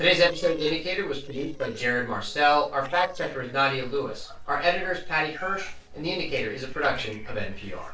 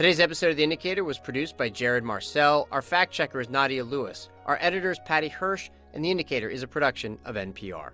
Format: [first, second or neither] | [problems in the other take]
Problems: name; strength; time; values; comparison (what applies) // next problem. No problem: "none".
second | noise reduction (neural separator model SepFormer DNS4)